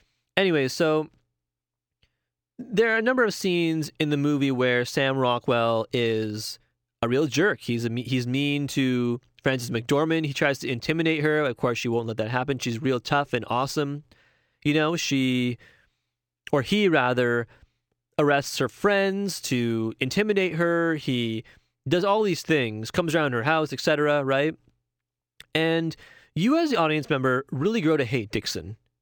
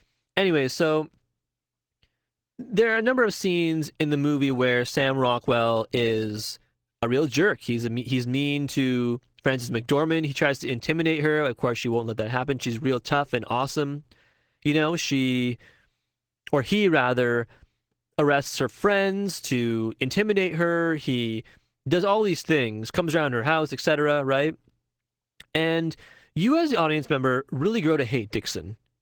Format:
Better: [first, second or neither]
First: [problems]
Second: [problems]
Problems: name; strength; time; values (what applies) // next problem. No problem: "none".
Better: first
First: none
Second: garbled, watery; slightly; nothing above 18 kHz